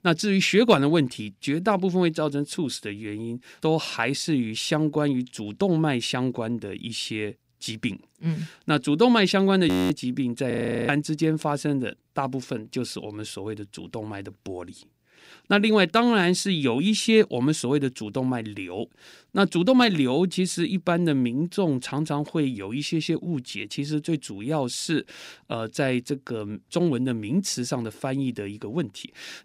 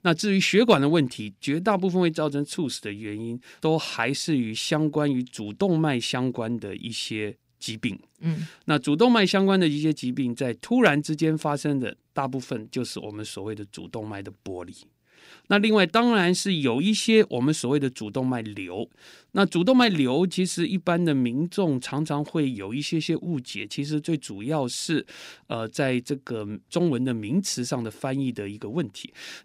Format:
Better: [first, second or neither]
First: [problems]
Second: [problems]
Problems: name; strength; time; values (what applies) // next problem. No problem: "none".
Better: second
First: audio freezing; at 9.5 s and at 11 s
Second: none